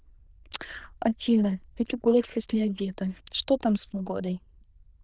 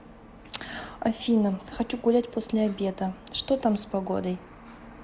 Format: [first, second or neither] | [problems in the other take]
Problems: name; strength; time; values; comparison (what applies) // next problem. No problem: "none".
second | noise reduction (neural diffusion model UNIVERSE++)